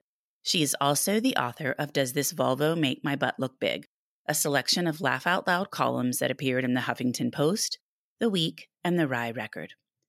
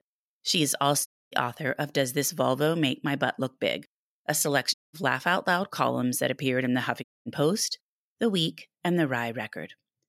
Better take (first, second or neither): first